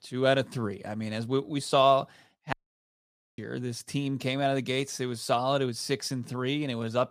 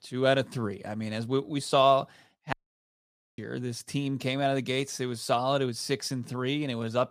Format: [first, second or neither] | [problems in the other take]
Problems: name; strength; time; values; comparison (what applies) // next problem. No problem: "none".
neither | audio cutting out; at 2.5 s for 1 s; the same in both